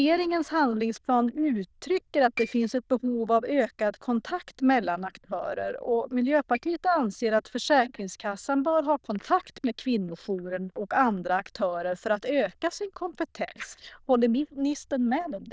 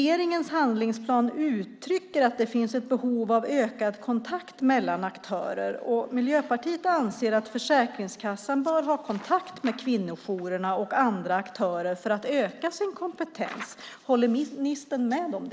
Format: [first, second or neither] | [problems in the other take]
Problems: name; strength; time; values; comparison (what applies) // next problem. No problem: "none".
second | noise reduction (neural diffusion model UNIVERSE++)